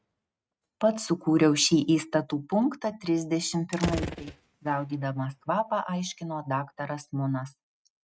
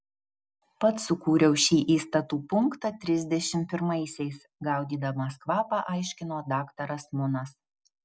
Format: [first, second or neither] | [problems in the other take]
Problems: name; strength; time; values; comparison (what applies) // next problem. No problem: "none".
second | noise reduction (neural mask model RNNoise)